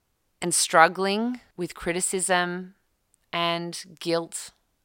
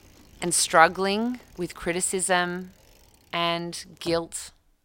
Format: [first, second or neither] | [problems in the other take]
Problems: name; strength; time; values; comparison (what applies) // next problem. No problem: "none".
first | traffic noise; faint; throughout; 25 dB below the speech